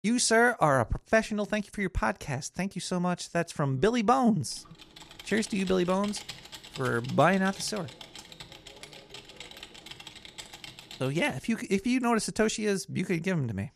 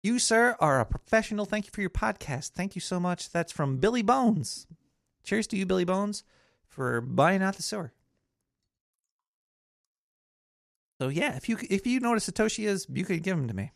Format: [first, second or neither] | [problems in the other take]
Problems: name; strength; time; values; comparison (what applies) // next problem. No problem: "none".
second | keyboard typing; faint; from 4.5 to 11 s; peak 15 dB below the speech